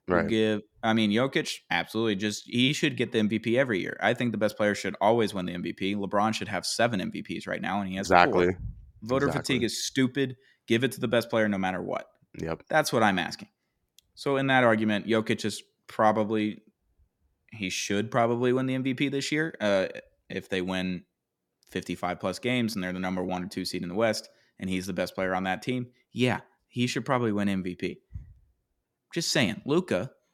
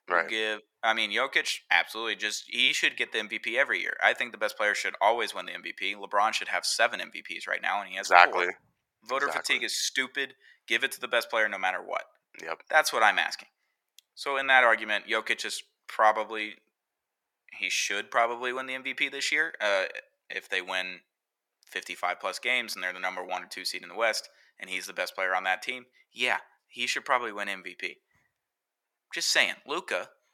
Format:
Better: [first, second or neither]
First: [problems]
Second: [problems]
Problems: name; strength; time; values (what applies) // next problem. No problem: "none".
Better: first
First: none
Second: thin; very; fading below 850 Hz